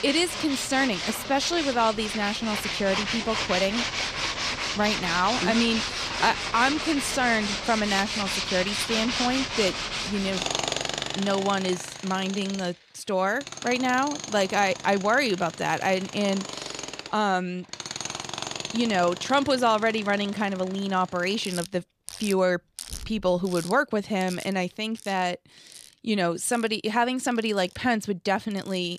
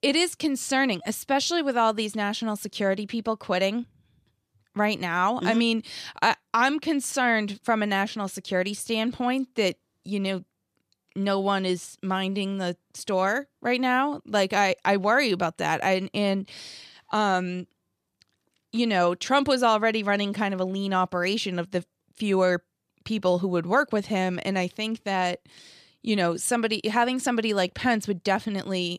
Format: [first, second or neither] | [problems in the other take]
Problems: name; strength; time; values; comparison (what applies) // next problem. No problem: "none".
second | machinery noise; loud; throughout; 4 dB below the speech